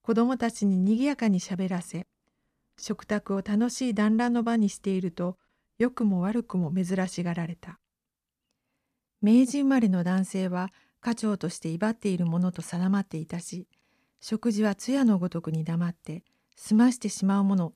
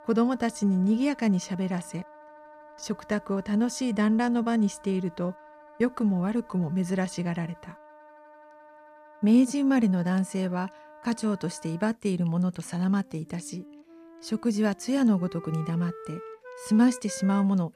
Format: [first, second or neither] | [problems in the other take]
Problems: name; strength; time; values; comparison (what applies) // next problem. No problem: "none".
first | background music; faint; throughout; 20 dB below the speech